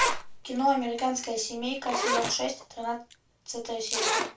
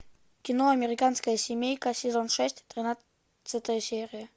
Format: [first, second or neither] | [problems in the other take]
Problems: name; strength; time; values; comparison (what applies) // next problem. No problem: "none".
second | background sound (Zipper (clothing)); 2 dB below the speech // room echo; dies away in 0.3 s